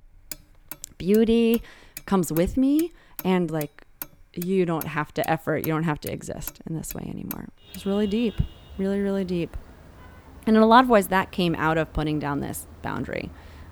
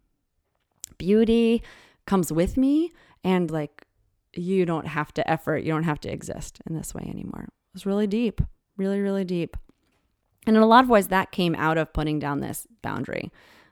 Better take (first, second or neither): second